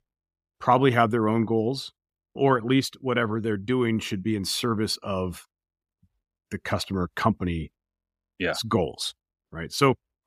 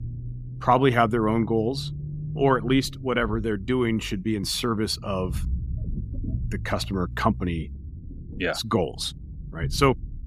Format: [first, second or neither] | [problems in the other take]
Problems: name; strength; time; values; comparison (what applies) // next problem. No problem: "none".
first | low rumble; faint; throughout; 20 dB below the speech